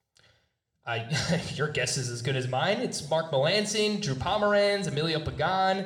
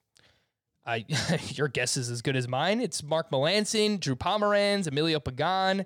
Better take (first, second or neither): second